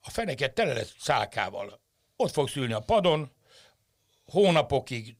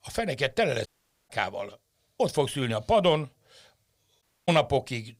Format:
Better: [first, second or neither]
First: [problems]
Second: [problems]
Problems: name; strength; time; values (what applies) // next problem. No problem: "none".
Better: first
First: none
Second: audio cutting out; at 1 s and at 4 s